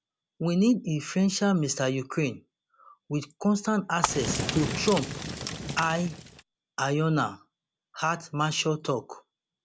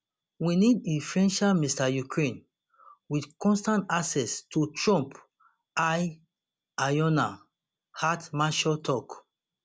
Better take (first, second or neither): second